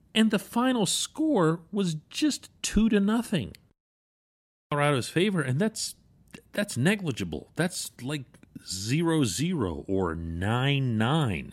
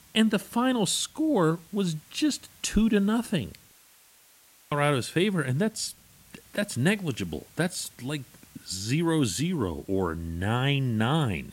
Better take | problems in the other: first | hiss; faint; throughout; 25 dB below the speech

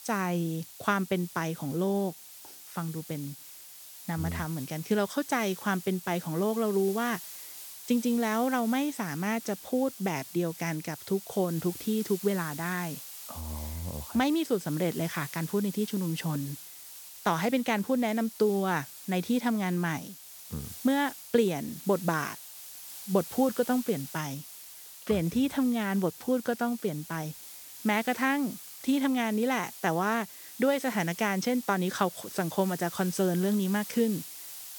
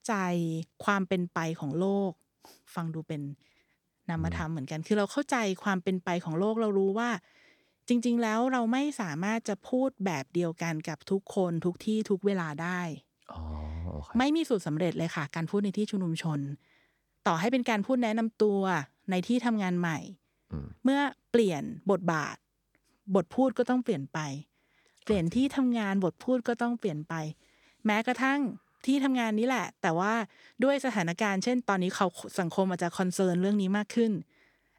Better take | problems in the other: second | hiss; noticeable; throughout; 10 dB below the speech

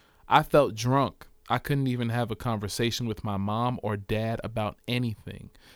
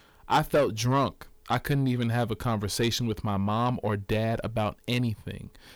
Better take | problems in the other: first | distortion; slight; 10 dB below the speech

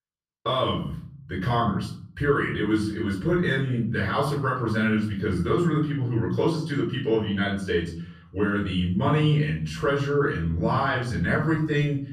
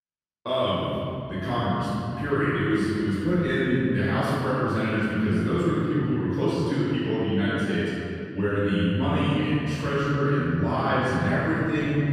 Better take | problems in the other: first | room echo; strong; dies away in 2.6 s; slight in the first // off-mic speech; far; far in the first

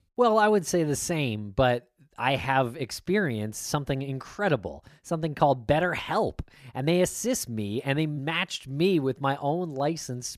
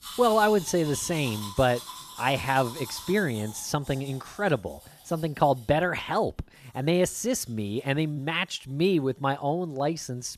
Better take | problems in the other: first | household noises; noticeable; throughout; 15 dB below the speech

